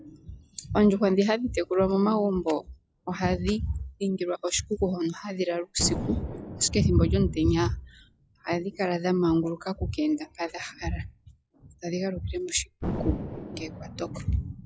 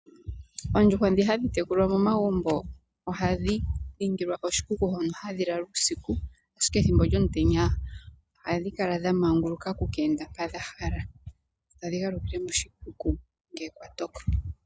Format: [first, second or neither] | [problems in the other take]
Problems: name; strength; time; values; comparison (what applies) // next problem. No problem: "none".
second | noise reduction (classical method log-MMSE)